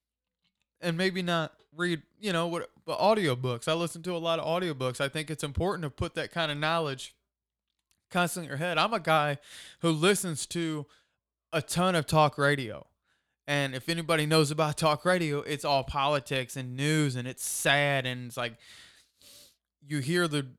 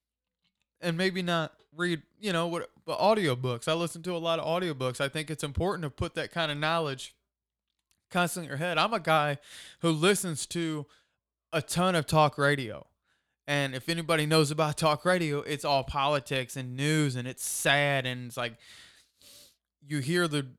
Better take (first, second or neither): neither